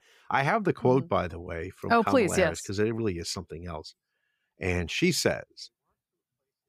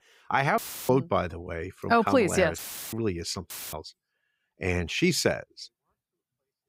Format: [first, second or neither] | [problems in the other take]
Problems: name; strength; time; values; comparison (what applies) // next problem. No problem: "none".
first | audio cutting out; filled with static; at 0.5 s, at 2.5 s and at 3.5 s